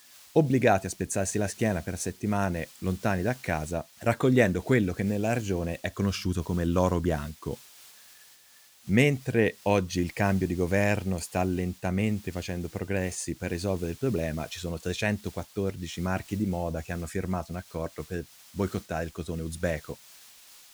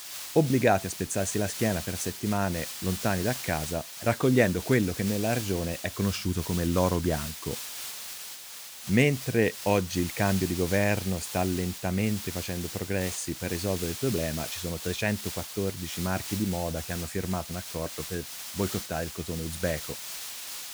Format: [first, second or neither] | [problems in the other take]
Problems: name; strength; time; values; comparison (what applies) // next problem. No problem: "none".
first | hiss; loud; throughout; 7 dB below the speech; faint in the first